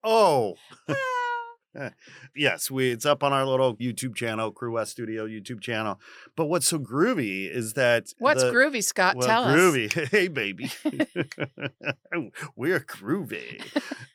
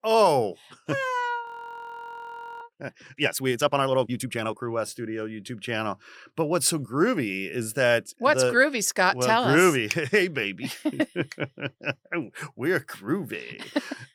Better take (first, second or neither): first